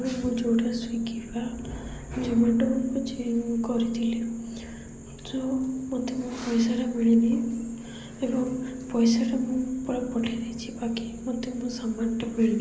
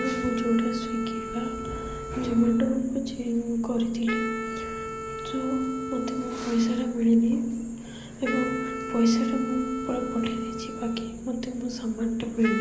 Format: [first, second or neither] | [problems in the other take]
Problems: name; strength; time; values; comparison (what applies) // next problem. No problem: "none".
first | background sound (Wind instrument, woodwind instrument); 9 dB below the speech